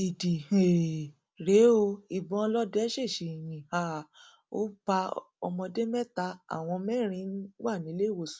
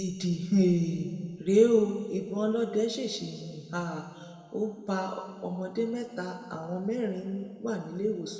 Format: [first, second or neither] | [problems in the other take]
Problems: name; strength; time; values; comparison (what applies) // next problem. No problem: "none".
first | room echo; dies away in 2 s